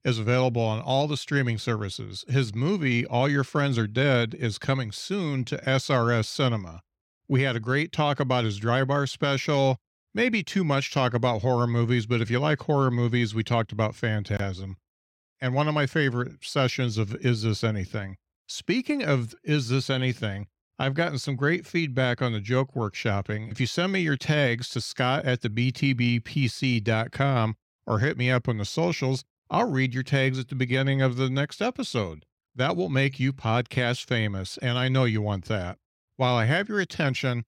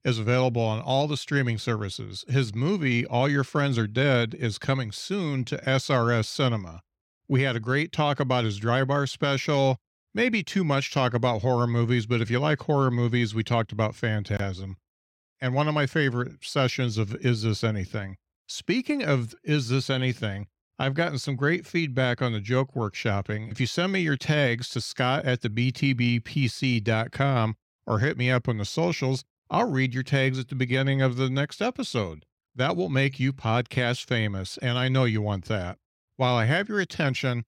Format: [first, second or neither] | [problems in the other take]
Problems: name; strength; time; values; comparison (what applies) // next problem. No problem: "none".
neither | none